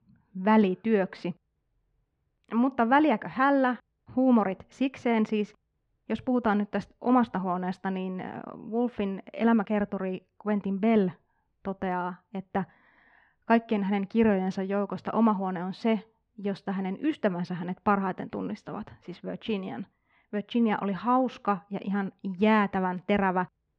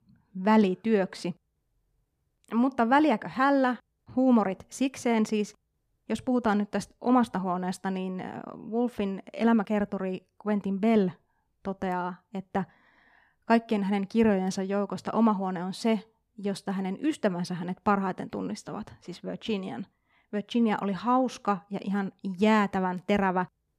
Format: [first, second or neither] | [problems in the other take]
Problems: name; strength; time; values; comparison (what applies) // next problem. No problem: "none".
second | muffled; slightly; fading above 2.5 kHz